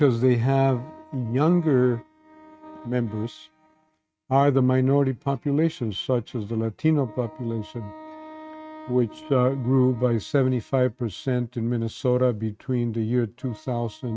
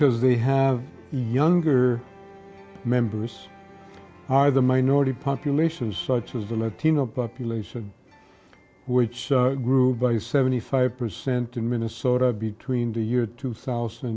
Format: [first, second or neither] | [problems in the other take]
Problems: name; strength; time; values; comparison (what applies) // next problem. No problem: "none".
second | noise reduction (neural mask model RNNoise)